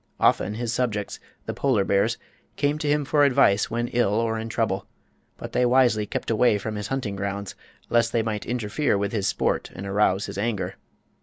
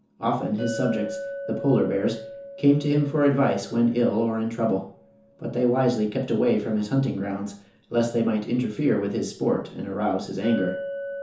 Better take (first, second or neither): first